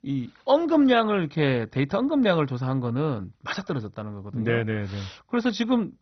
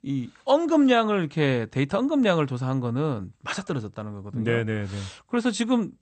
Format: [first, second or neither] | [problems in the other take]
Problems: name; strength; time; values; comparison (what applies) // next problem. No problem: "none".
second | garbled, watery; badly; nothing above 6 kHz; slightly in the second